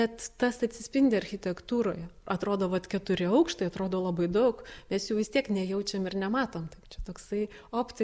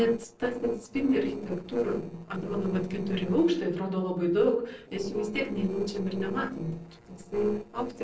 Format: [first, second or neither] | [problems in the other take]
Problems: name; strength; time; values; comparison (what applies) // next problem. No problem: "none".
first | noise reduction (neural separator model SepFormer DNS4)